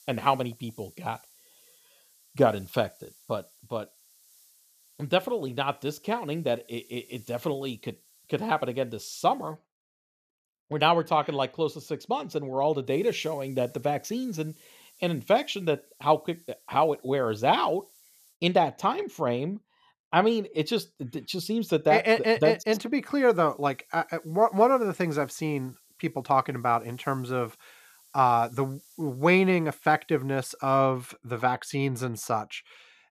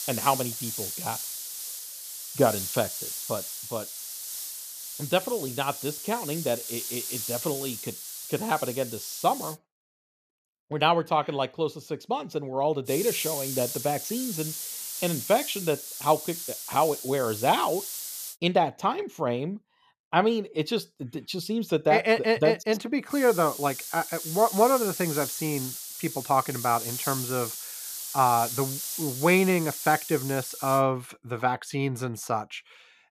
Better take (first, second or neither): first